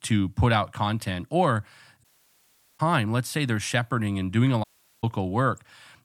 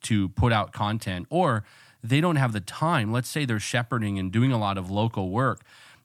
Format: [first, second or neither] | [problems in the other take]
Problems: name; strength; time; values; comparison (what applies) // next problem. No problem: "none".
second | audio cutting out; at 2 s for 1 s and at 4.5 s